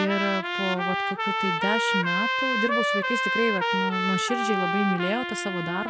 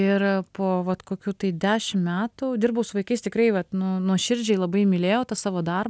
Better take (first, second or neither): second